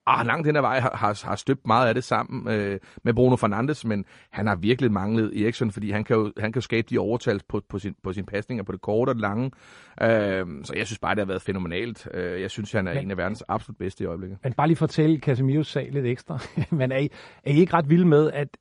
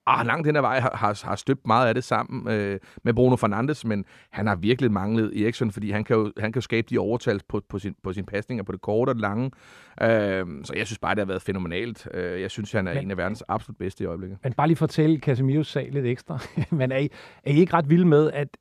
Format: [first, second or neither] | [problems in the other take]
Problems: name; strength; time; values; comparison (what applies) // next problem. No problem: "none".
second | garbled, watery; slightly; nothing above 10.5 kHz